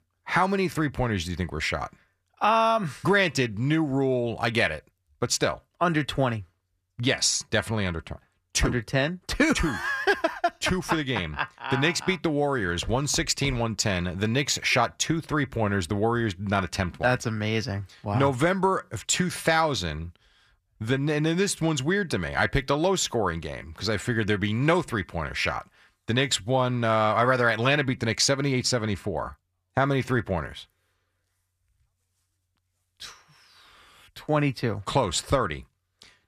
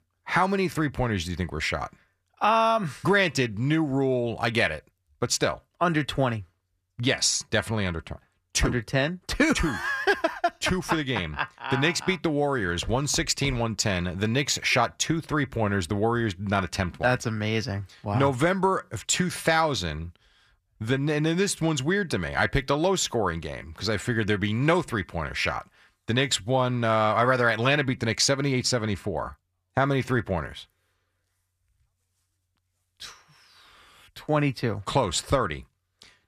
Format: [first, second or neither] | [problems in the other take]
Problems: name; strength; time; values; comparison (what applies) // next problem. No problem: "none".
neither | none